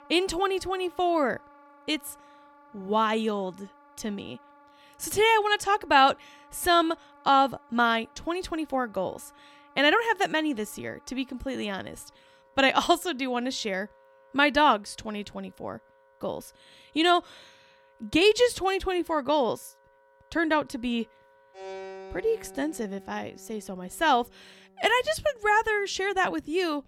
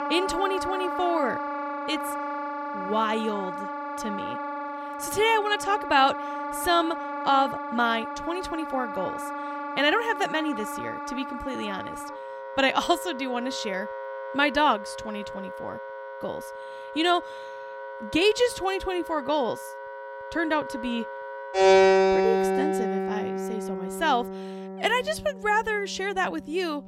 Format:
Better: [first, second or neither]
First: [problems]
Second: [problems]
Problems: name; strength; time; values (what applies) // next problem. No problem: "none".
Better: first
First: background music; faint; throughout; 25 dB below the speech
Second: background music; loud; throughout; 4 dB below the speech